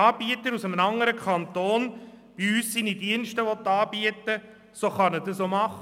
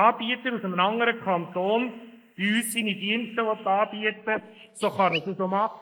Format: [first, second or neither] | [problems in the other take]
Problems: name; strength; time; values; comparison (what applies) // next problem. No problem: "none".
first | noise reduction (neural mask model Resemble Enhance denoiser)